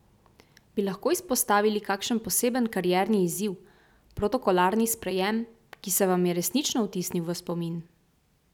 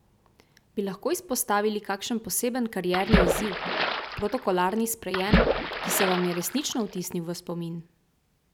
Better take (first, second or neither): first